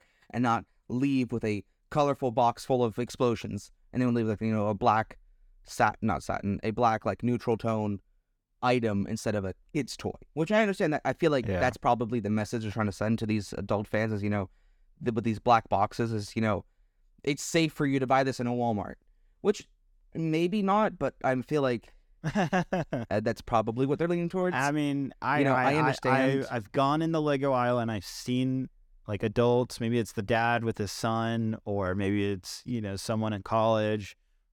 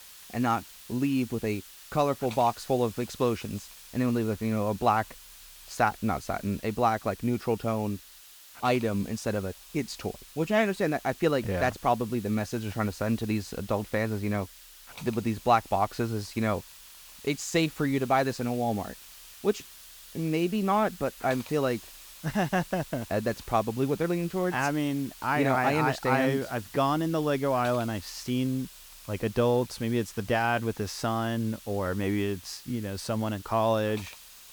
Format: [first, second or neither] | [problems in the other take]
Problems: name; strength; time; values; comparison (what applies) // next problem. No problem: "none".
first | hiss; noticeable; throughout; 15 dB below the speech